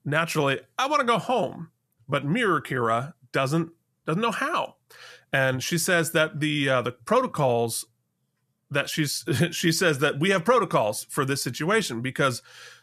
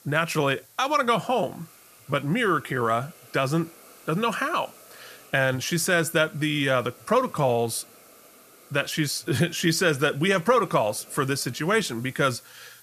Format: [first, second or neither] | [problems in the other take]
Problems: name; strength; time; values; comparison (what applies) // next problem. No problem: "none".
first | hiss; faint; throughout; 25 dB below the speech